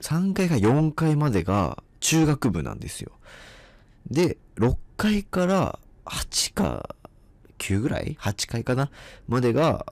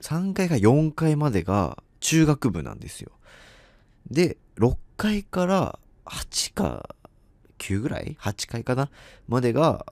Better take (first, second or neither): second